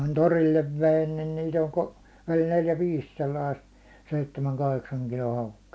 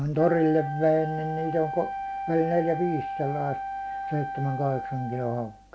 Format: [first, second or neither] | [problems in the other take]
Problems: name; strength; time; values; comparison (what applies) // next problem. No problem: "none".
first | background sound (Wind instrument, woodwind instrument); 7 dB below the speech